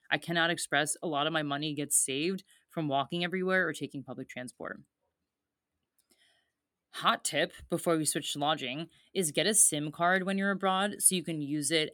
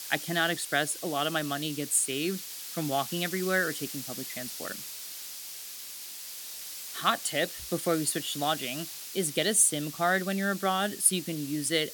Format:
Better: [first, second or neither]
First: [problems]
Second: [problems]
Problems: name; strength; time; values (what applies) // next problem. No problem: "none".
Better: first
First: none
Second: hiss; loud; throughout; 10 dB below the speech